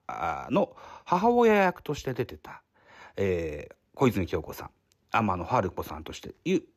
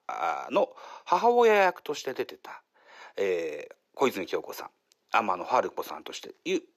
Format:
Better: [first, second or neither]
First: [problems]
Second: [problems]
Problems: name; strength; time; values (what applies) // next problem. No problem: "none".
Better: first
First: none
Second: thin; somewhat; fading below 450 Hz